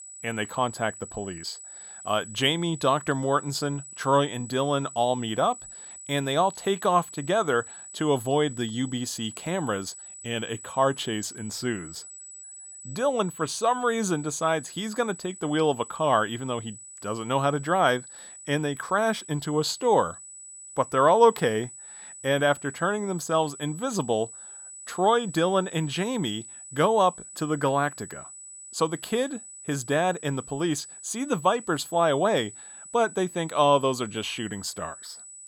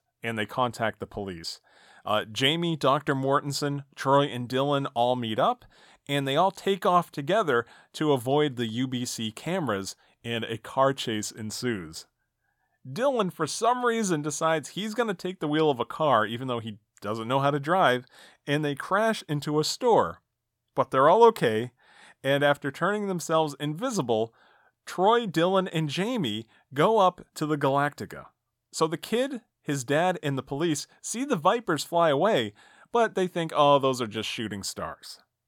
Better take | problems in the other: second | high-pitched whine; noticeable; throughout; 8 kHz, 15 dB below the speech

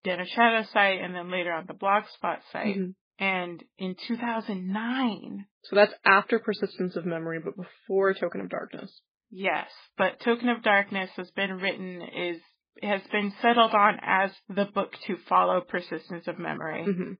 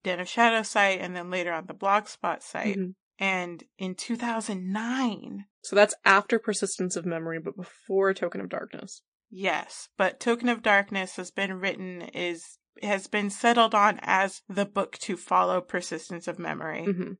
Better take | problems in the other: second | garbled, watery; badly; nothing above 4.5 kHz; slightly in the second

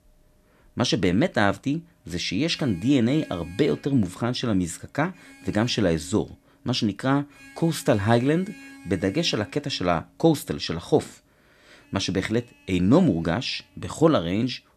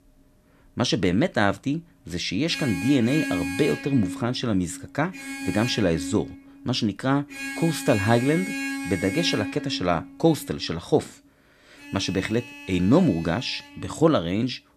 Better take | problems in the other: first | traffic noise; loud; throughout; 9 dB below the speech; faint in the first

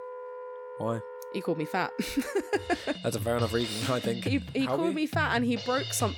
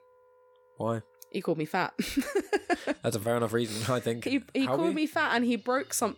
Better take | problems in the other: second | background music; loud; throughout; 8 dB below the speech; faint in the second

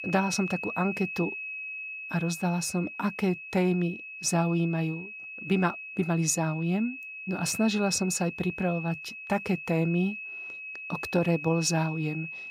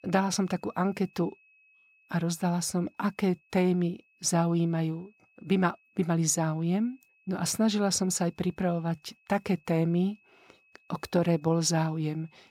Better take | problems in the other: second | high-pitched whine; loud; throughout; 2.5 kHz, 8 dB below the speech; faint in the second

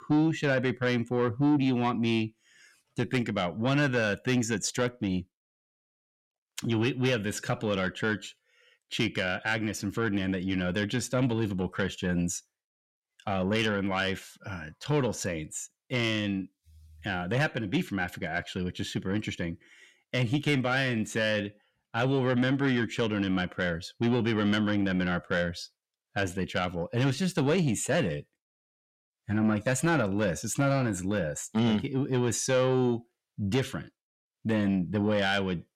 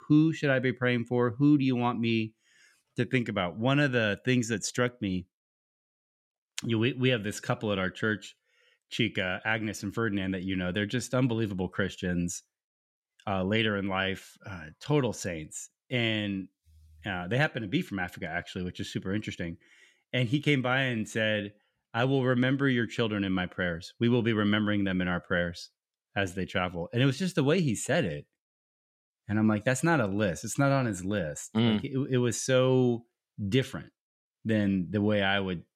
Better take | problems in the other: second | distortion; slight; 10 dB below the speech

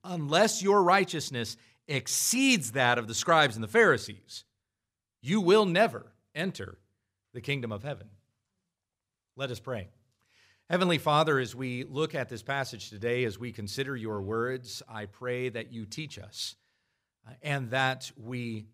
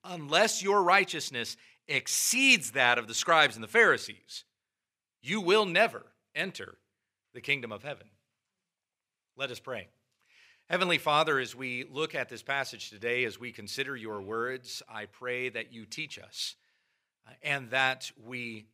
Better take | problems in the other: first | thin; very slightly; fading below 800 Hz

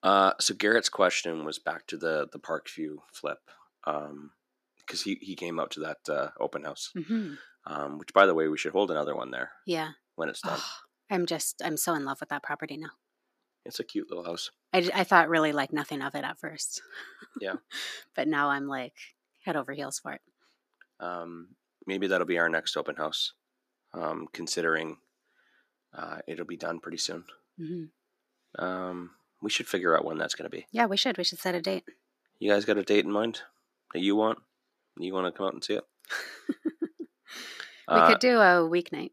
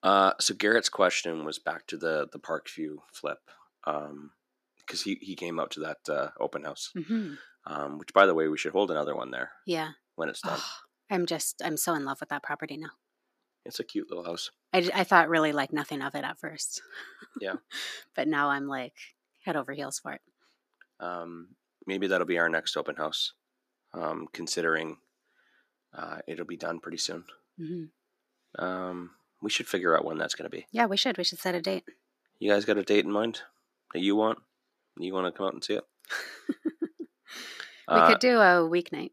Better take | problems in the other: neither | thin; somewhat; fading below 250 Hz; the same in both

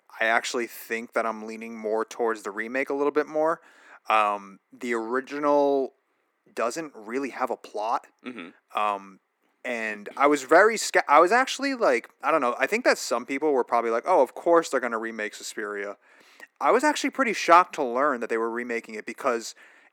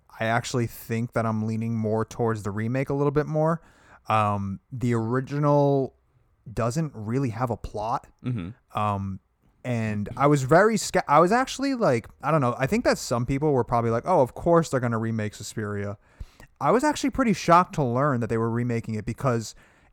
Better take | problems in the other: second | thin; somewhat; fading below 300 Hz

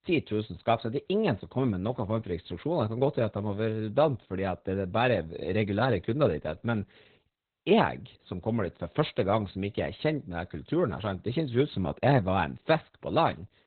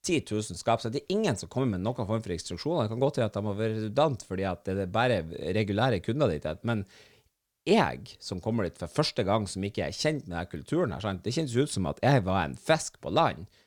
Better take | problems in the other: second | garbled, watery; badly; nothing above 4 kHz

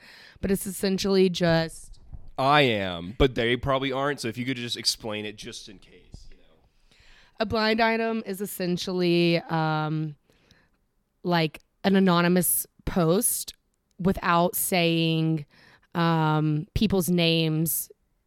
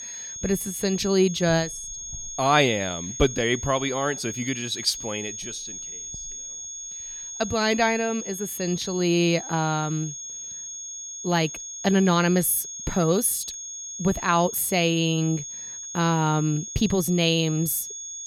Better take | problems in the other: first | high-pitched whine; loud; throughout; 6.5 kHz, 9 dB below the speech

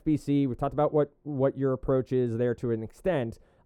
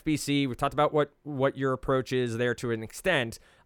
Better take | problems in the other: second | muffled; slightly; fading above 1 kHz

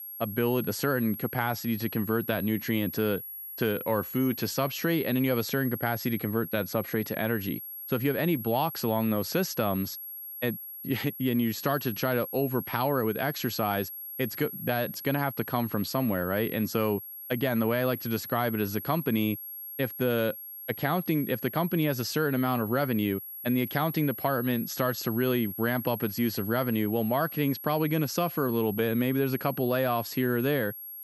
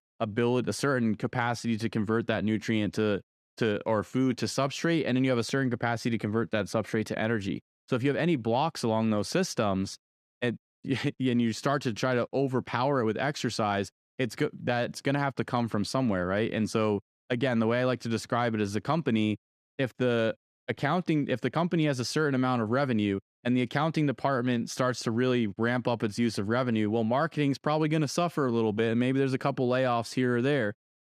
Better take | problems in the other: second | high-pitched whine; loud; throughout; 11.5 kHz, 9 dB below the speech

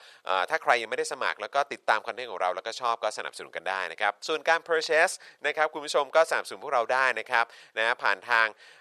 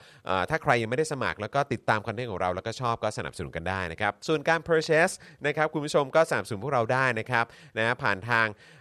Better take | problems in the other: second | thin; very; fading below 650 Hz

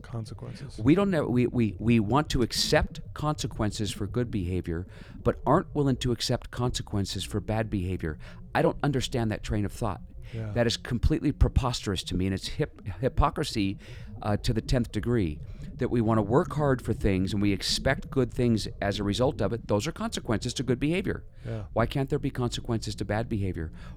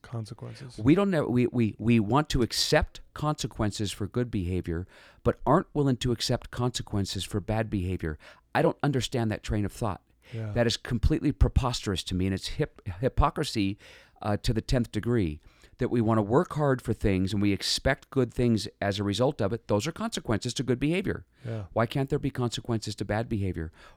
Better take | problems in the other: second | low rumble; faint; throughout; 25 dB below the speech

